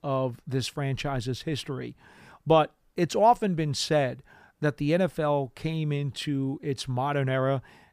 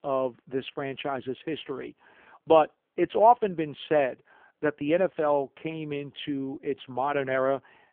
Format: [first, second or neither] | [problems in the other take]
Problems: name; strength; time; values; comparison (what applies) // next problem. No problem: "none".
first | phone-call audio; poor line; nothing above 3.5 kHz